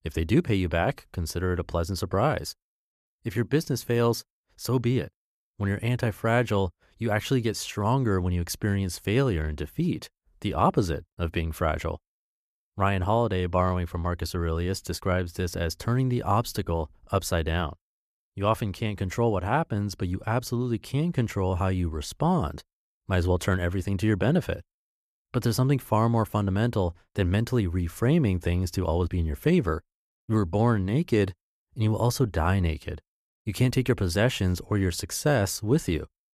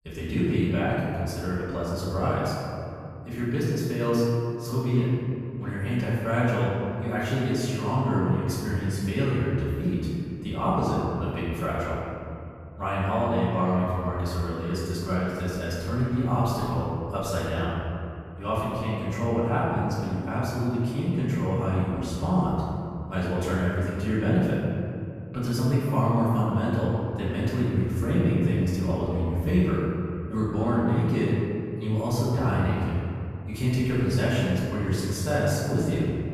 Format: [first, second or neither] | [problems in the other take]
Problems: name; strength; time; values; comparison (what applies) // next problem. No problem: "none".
first | off-mic speech; far // room echo; strong; dies away in 2.3 s